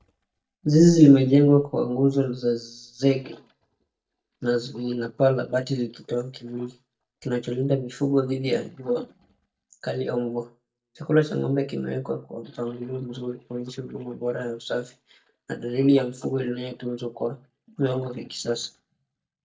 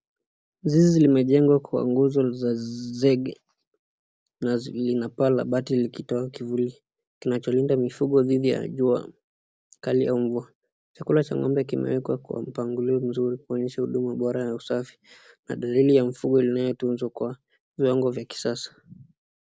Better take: second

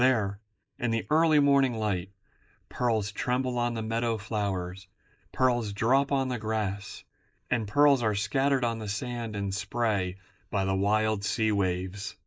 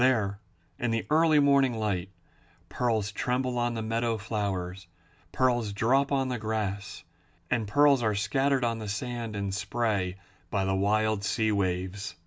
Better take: second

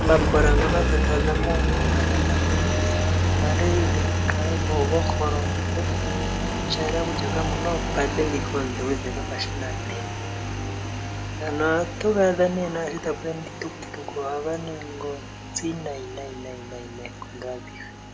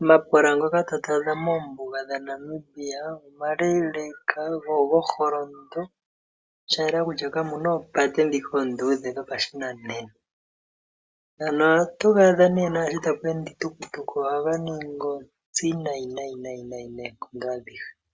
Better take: second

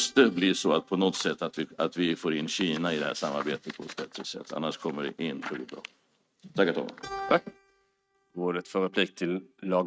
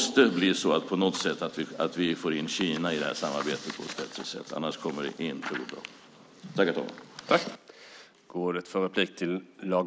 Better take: second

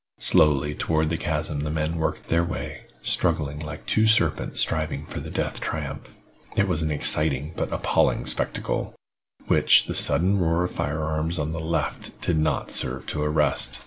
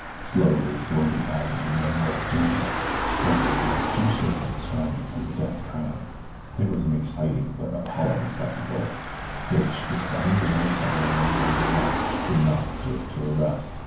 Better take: first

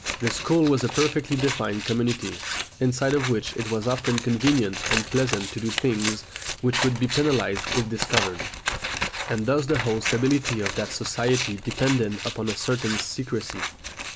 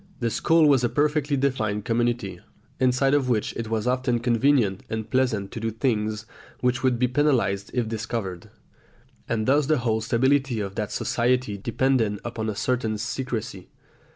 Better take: second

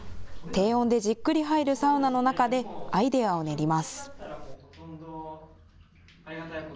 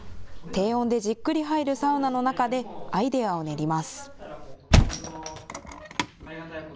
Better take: first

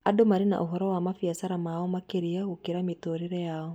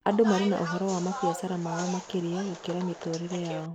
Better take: first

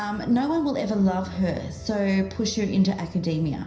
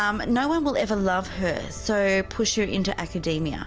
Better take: second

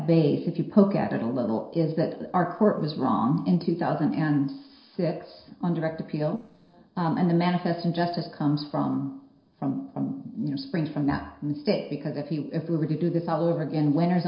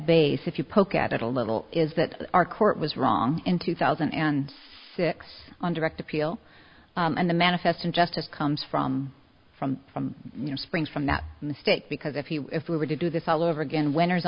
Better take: second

